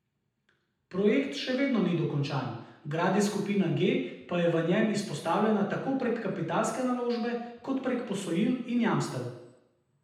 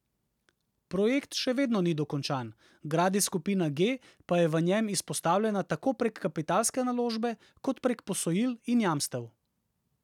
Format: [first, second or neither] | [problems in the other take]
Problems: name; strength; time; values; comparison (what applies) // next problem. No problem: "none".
second | room echo; dies away in 0.9 s